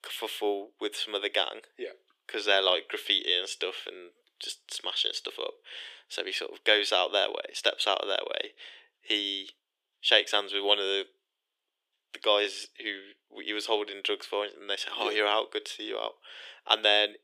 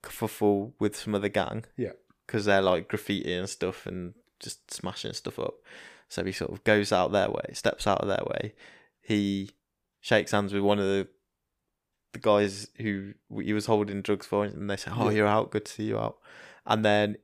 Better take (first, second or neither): second